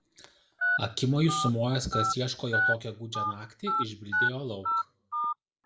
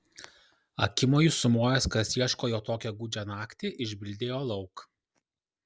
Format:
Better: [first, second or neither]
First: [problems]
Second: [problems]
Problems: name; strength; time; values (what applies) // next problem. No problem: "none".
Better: second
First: background sound (Telephone); as loud as the speech // room echo; dies away in 0.3 s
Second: none